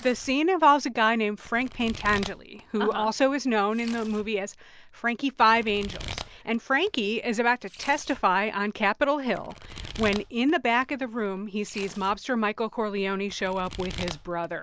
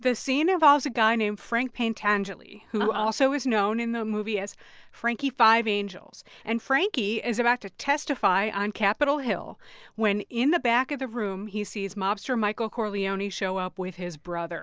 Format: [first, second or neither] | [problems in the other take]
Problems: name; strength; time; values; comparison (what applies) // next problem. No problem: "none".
second | background sound (Domestic sounds, home sounds); 17 dB below the speech